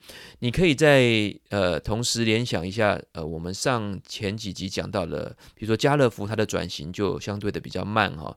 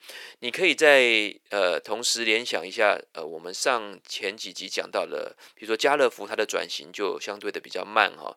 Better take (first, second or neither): first